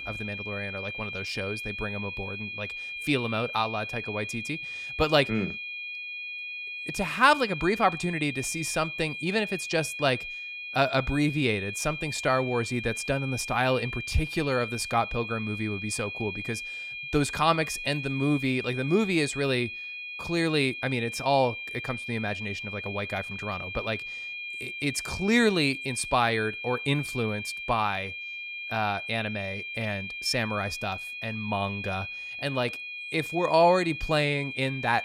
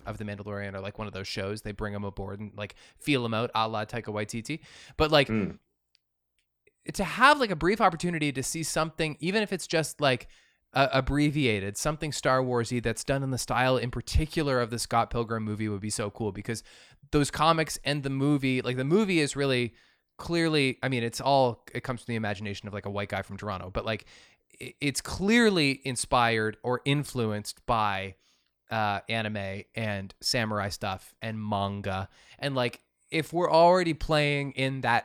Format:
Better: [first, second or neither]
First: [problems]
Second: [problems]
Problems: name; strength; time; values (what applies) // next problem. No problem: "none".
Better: second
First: high-pitched whine; loud; throughout; 2.5 kHz, 6 dB below the speech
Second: none